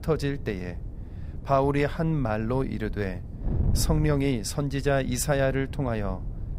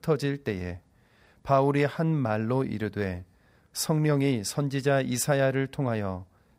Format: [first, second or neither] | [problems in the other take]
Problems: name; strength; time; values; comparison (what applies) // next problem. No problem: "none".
second | wind noise on the microphone; occasional gusts; 20 dB below the speech